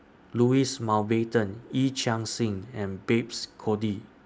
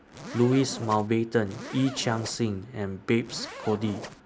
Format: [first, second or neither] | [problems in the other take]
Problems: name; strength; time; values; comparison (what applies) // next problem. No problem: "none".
first | background sound (Zipper (clothing)); 13 dB below the speech